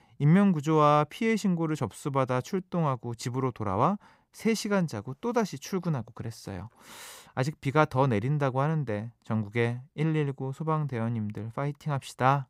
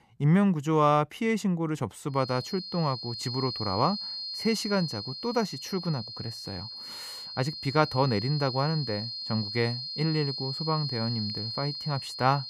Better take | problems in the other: first | high-pitched whine; loud; from 2 s on; 4.5 kHz, 6 dB below the speech

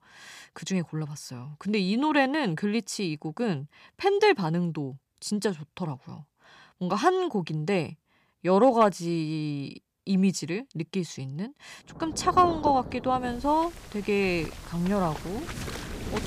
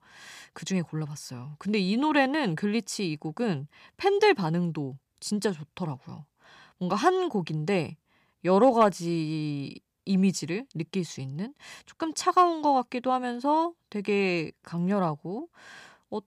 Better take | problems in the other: second | rain or running water; noticeable; from 12 s on; 10 dB below the speech

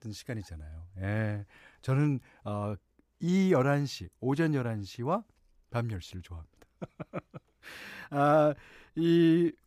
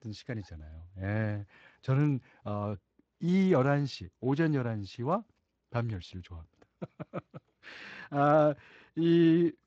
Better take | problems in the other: first | garbled, watery; slightly; nothing above 7.5 kHz

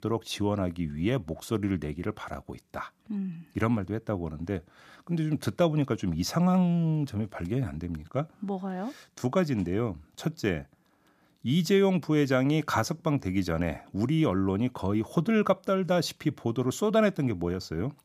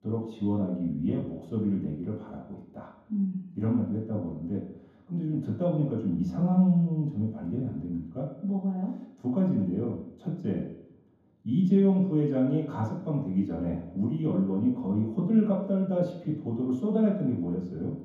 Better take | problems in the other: first | room echo; noticeable; dies away in 0.9 s // off-mic speech; far

